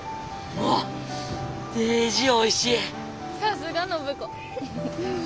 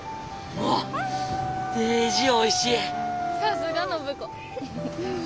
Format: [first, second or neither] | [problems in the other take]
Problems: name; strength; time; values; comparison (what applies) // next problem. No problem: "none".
first | background sound (Dog); 2 dB below the speech